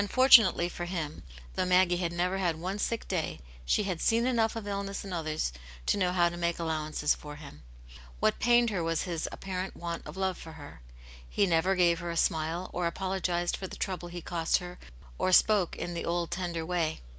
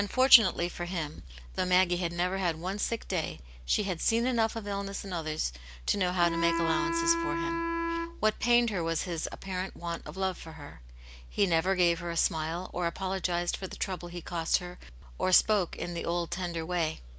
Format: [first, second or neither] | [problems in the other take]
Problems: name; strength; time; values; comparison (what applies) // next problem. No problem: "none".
first | background sound (Wind instrument, woodwind instrument); 2 dB below the speech